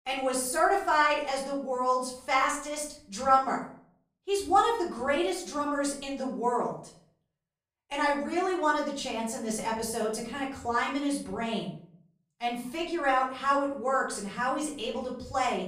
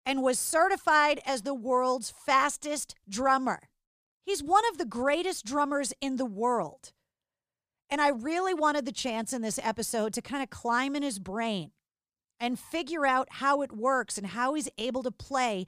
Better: second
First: off-mic speech; far // room echo; slight; dies away in 0.4 s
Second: none

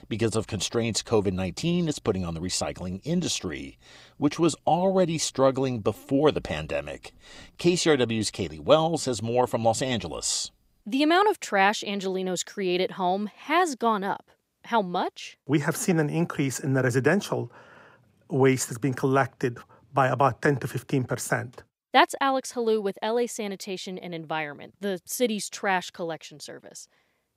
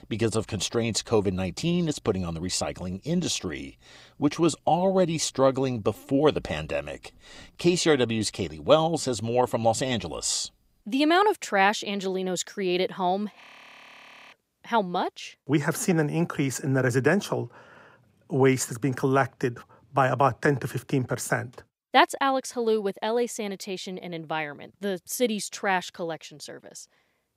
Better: first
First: none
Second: audio freezing; at 13 s for 1 s

